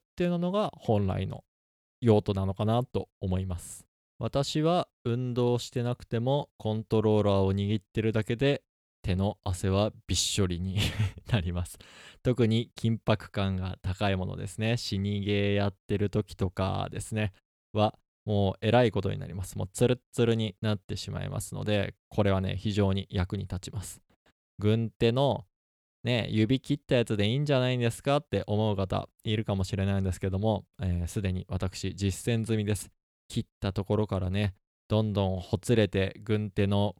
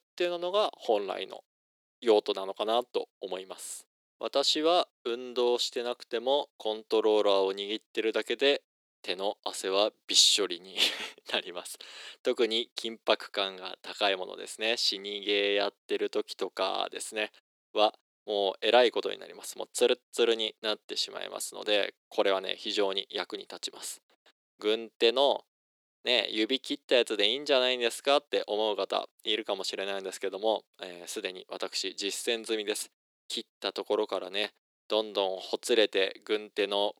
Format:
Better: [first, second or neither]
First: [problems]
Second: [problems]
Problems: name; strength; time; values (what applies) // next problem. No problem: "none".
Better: first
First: none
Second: thin; very; fading below 350 Hz